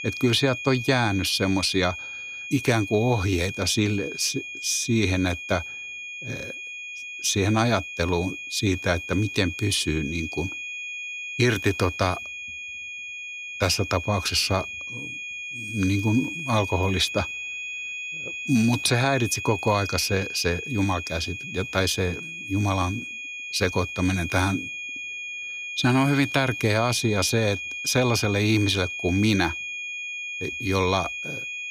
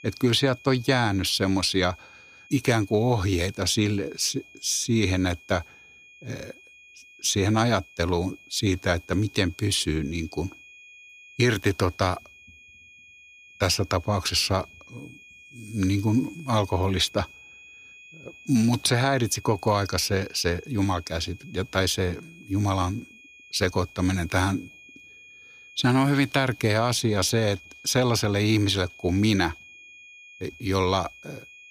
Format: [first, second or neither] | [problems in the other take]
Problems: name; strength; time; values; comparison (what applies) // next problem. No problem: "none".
second | high-pitched whine; loud; throughout; 2.5 kHz, 8 dB below the speech; faint in the second